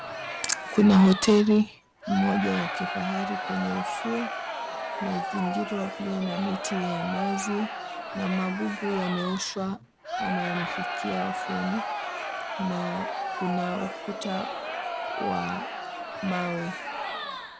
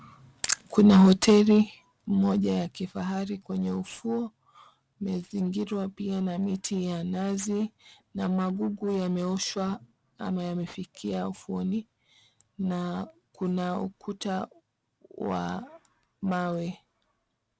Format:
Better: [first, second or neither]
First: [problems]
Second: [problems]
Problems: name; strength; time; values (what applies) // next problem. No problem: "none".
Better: second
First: background sound (Crowd); 5 dB below the speech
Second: none